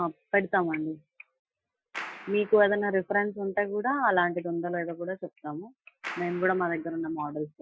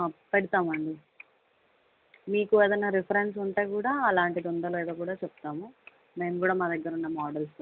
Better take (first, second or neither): second